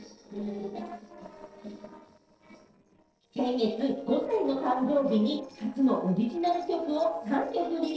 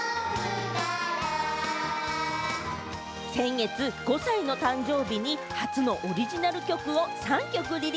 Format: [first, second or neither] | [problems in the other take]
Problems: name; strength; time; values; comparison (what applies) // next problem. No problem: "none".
second | noise reduction (neural separator model SepFormer DNS4)